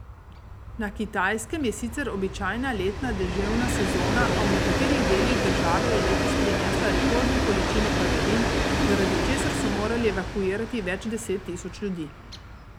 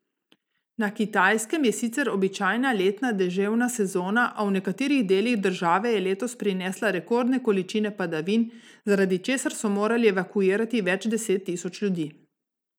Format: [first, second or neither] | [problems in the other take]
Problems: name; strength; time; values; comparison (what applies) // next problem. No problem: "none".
second | background sound (Train); 2 dB above the speech